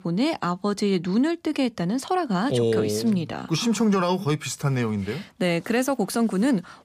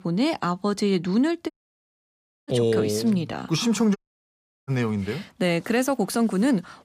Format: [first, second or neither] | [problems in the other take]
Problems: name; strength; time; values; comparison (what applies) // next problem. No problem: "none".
first | audio cutting out; at 1.5 s for 1 s and at 4 s for 0.5 s